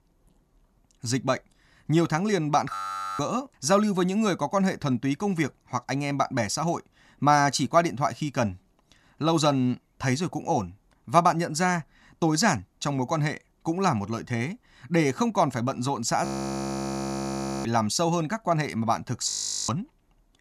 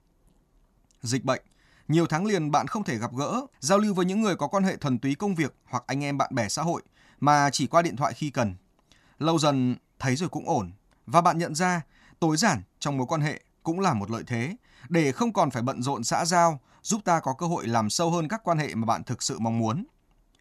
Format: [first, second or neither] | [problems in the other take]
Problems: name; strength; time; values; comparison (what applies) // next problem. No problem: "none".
second | audio freezing; at 2.5 s, at 16 s for 1.5 s and at 19 s